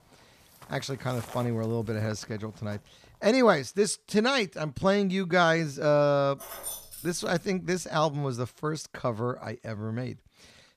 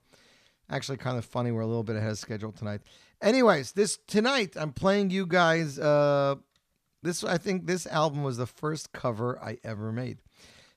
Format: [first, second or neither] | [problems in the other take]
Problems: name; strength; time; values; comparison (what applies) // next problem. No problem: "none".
second | footsteps; faint; until 3 s; peak 15 dB below the speech // jangling keys; noticeable; at 6.5 s; peak 8 dB below the speech